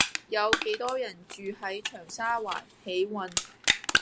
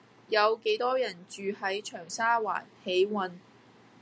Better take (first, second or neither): second